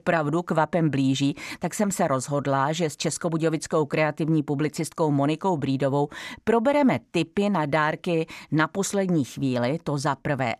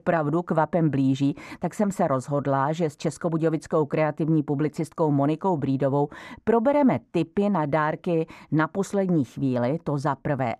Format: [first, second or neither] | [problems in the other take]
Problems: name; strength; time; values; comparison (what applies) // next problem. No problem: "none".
first | muffled; slightly; fading above 2 kHz